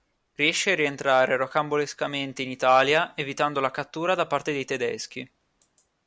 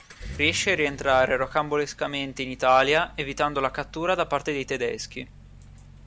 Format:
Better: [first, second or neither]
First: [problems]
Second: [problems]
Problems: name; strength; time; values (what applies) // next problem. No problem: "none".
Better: first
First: none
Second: background sound (Accelerating, revving, vroom); 18 dB below the speech